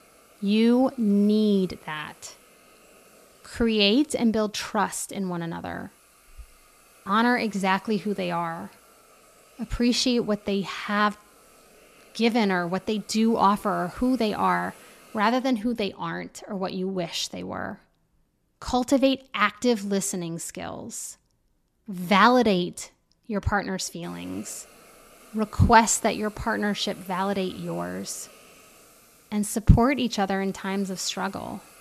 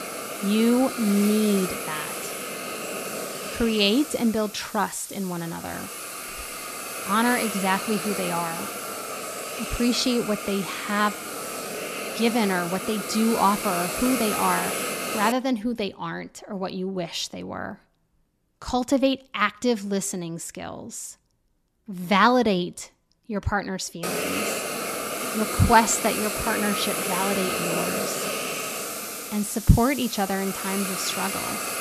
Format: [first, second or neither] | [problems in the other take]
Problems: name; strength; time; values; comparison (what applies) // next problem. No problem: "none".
first | hiss; loud; until 15 s and from 24 s on; 4 dB below the speech; faint in the first